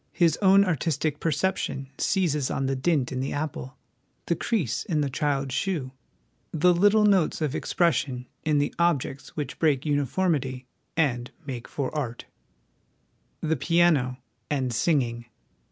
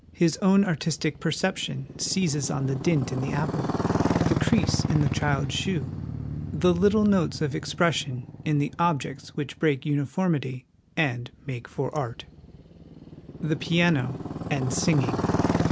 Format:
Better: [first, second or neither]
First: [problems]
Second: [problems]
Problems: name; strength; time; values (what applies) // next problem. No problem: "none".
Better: first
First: none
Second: background sound (Motorcycle); 4 dB below the speech